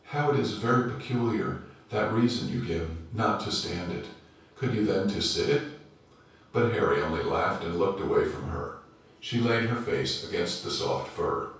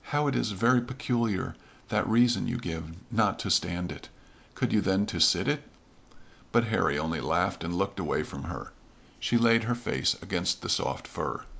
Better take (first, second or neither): second